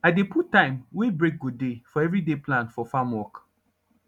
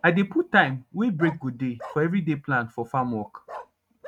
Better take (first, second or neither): first